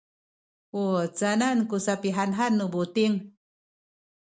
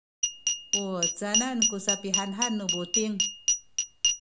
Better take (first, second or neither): first